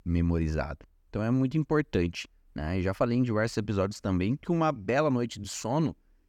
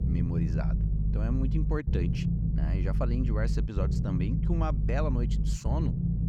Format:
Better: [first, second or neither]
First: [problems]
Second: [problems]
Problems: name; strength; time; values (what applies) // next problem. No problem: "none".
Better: first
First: none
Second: low rumble; loud; throughout; 3 dB below the speech